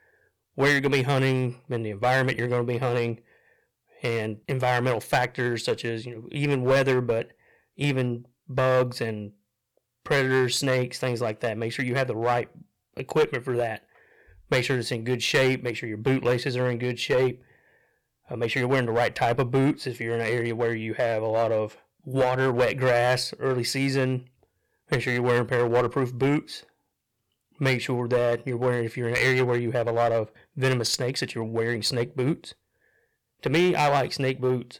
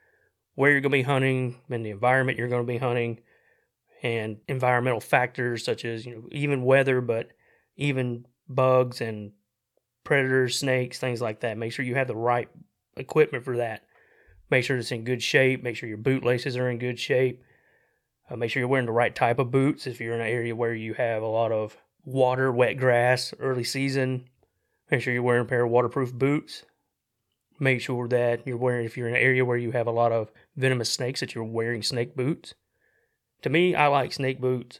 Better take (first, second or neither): second